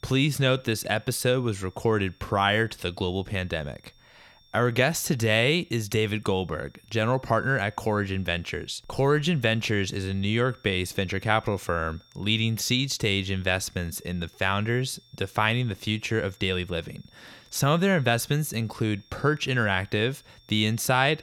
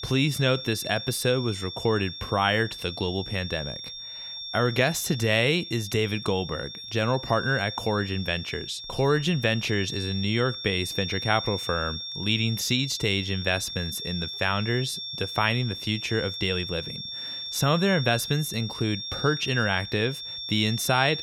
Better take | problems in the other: first | high-pitched whine; loud; throughout; 3.5 kHz, 7 dB below the speech; faint in the first

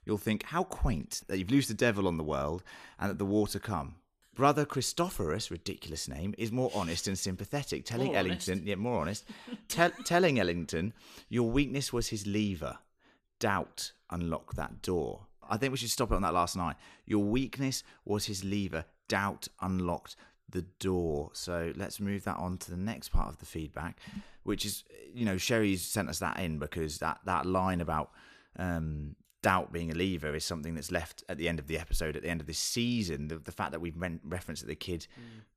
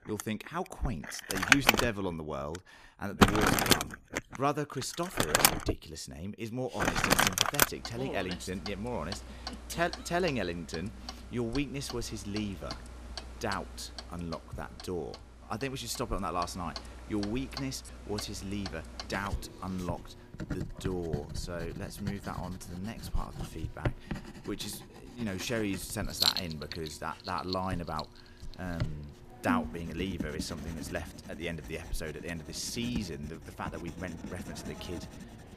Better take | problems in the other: first | household noises; very loud; throughout; 4 dB above the speech

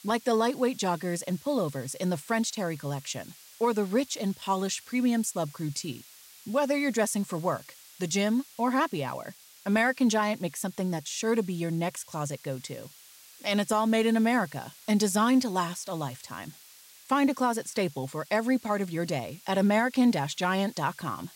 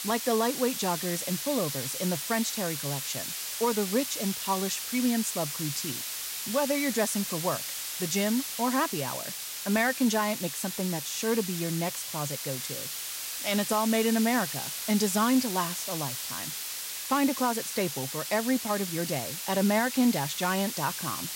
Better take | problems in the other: first | hiss; loud; throughout; 3 dB below the speech; faint in the first

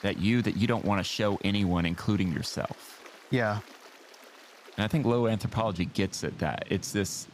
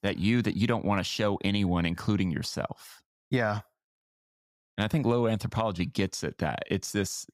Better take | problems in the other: second | rain or running water; noticeable; throughout; 20 dB below the speech

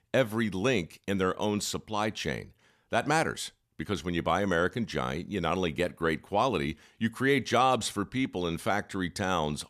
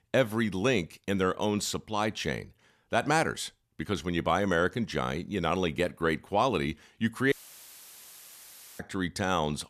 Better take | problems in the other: first | audio cutting out; filled with static; at 7.5 s for 1.5 s

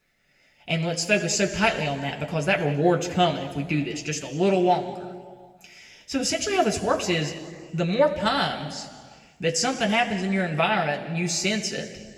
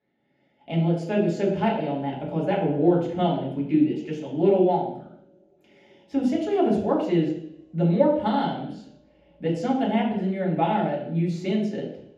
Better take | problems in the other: first | room echo; strong; dies away in 0.9 s; slight in the first // off-mic speech; far; somewhat distant in the first

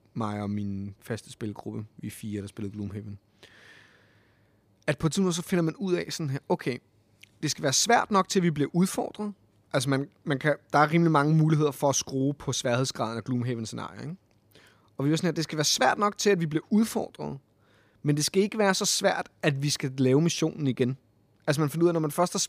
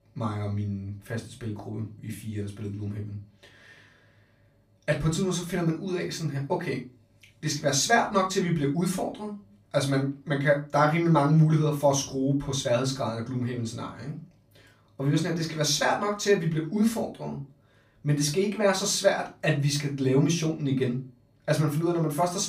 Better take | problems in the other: first | off-mic speech; far // room echo; very slight; dies away in 0.3 s

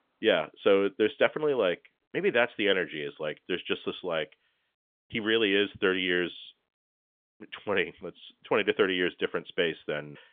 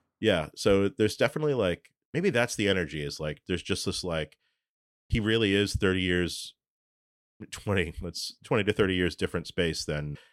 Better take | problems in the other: second | phone-call audio; nothing above 3.5 kHz

